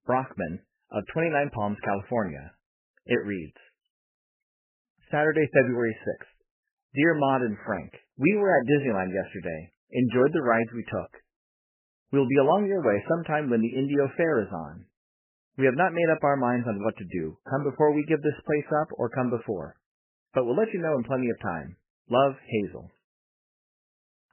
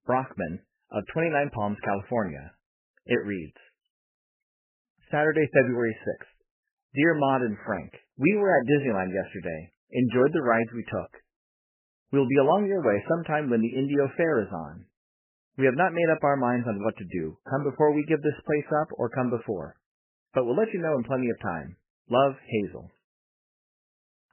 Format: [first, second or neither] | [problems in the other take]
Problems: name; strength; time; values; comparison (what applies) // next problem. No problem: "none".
neither | garbled, watery; badly; nothing above 3 kHz; the same in both